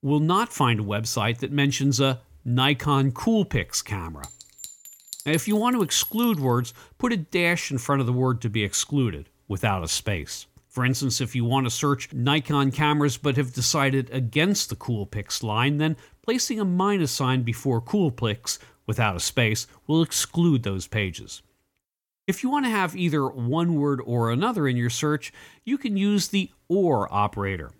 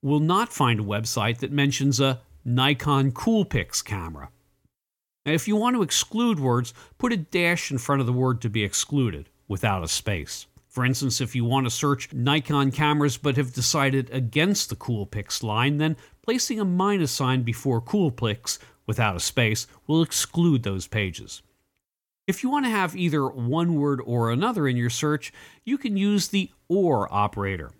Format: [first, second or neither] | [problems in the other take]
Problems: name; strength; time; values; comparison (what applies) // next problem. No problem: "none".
second | clattering dishes; noticeable; from 4 to 6.5 s; peak 8 dB below the speech